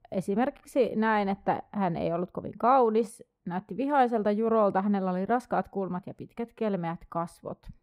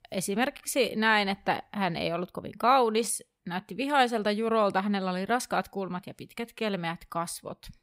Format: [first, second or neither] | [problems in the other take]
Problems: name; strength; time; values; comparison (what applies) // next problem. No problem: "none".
second | muffled; very; fading above 2 kHz